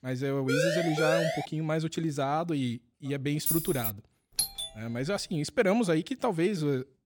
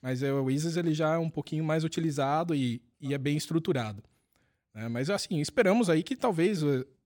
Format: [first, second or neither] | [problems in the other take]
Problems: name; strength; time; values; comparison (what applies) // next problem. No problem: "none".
second | siren; loud; at 0.5 s; peak 2 dB above the speech // jangling keys; loud; at 3.5 s; peak 2 dB above the speech // doorbell; loud; at 4.5 s; peak level with the speech